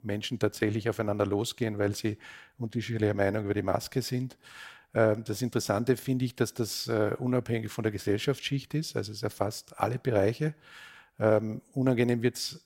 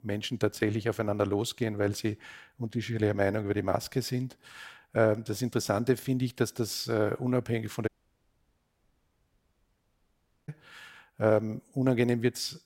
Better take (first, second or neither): first